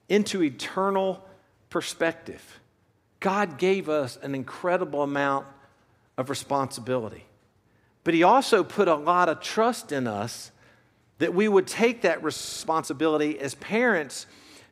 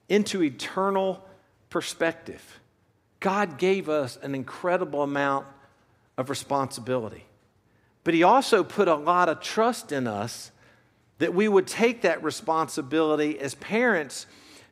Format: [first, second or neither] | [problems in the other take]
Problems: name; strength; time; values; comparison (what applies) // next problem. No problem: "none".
second | audio freezing; at 12 s